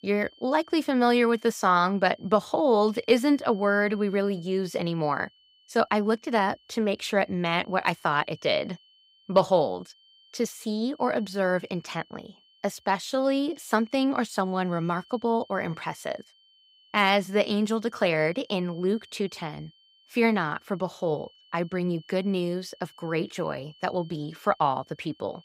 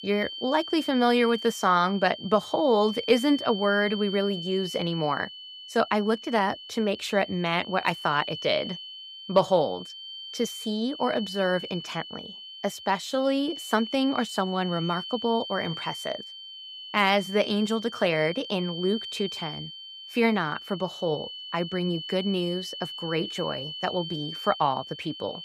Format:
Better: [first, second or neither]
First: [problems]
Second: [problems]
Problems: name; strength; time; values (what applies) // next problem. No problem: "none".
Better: first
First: high-pitched whine; faint; throughout; 3 kHz, 30 dB below the speech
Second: high-pitched whine; loud; throughout; 3 kHz, 10 dB below the speech